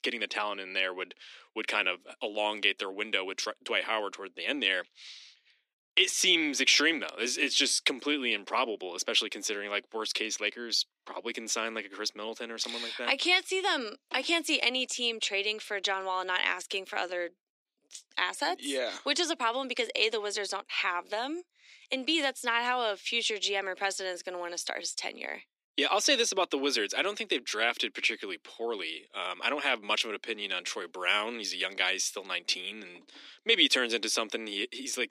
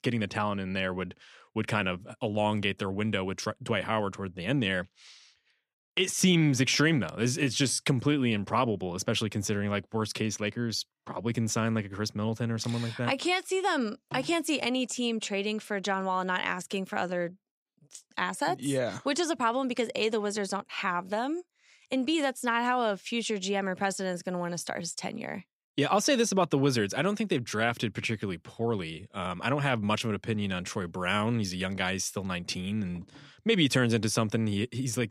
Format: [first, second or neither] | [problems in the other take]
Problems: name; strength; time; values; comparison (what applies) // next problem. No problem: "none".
second | thin; somewhat; fading below 300 Hz